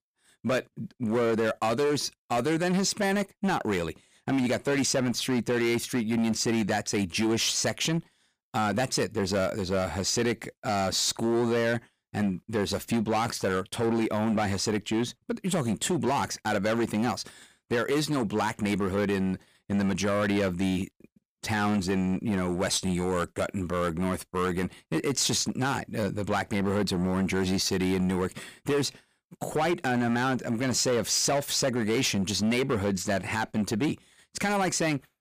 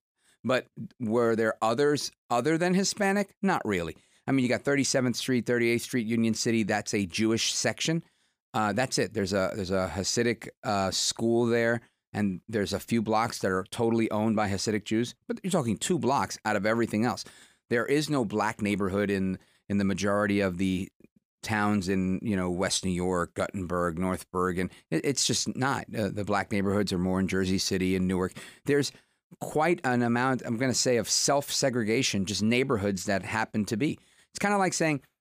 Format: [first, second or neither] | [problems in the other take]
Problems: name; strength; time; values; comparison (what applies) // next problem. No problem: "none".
second | distortion; slight; 12% of the sound clipped